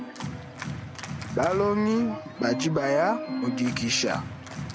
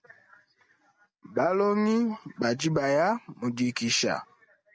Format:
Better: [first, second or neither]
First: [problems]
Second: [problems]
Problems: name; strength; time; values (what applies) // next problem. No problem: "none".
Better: second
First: background sound (Organ); 7 dB below the speech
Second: none